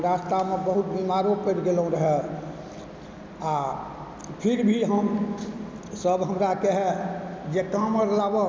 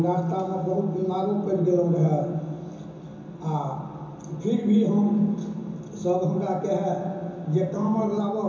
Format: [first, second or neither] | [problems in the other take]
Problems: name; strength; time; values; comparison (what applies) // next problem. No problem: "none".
first | room echo; dies away in 0.7 s